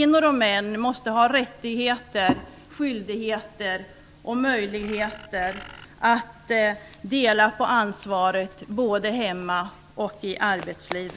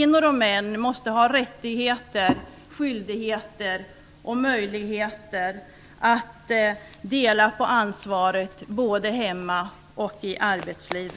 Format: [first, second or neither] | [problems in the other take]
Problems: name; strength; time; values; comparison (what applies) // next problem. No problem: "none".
second | background sound (Bird); 16 dB below the speech